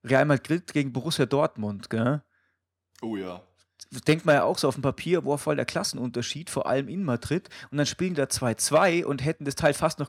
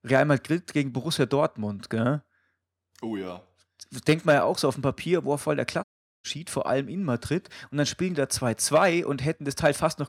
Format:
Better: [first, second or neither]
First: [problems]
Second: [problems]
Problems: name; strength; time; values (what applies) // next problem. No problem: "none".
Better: first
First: none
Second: audio cutting out; at 6 s